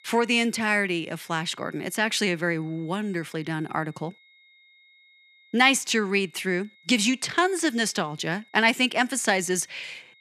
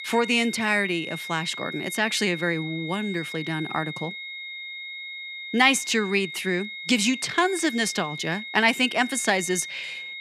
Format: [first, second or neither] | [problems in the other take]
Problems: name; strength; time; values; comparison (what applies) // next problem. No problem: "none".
first | high-pitched whine; loud; throughout; 2 kHz, 10 dB below the speech; faint in the first